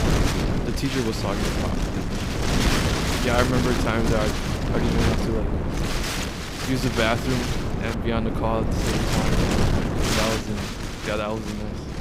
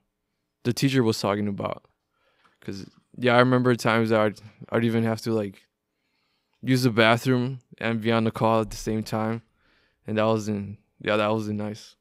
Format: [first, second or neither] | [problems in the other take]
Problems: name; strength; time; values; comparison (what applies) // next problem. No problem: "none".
second | wind noise on the microphone; heavy; as loud as the speech